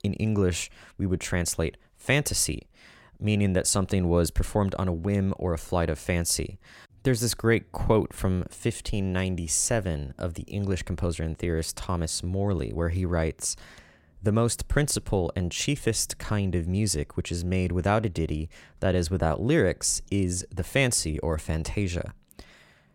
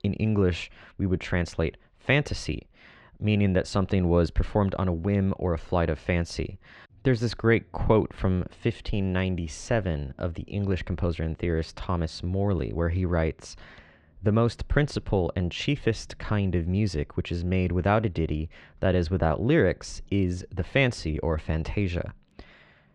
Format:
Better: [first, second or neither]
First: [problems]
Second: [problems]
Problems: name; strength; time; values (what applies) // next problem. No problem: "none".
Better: first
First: none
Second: muffled; slightly; fading above 3.5 kHz